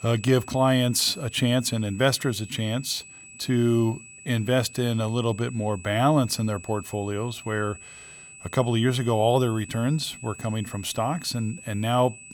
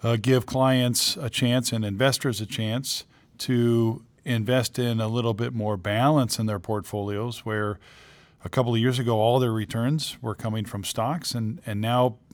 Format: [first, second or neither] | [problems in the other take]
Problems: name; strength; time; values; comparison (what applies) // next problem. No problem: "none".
second | high-pitched whine; noticeable; throughout; 2.5 kHz, 20 dB below the speech